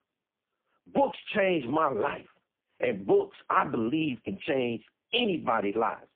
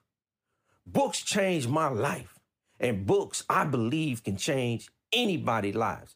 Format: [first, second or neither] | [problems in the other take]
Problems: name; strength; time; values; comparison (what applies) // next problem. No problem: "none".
second | phone-call audio; poor line; nothing above 3.5 kHz